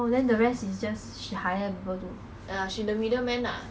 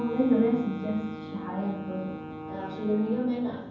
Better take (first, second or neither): first